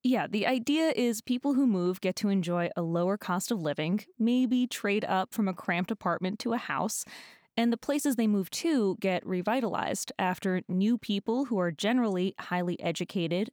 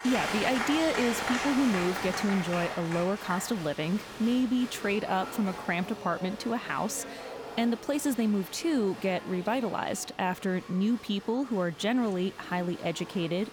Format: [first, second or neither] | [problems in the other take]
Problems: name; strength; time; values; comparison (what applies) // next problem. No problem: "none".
first | crowd noise; loud; throughout; 7 dB below the speech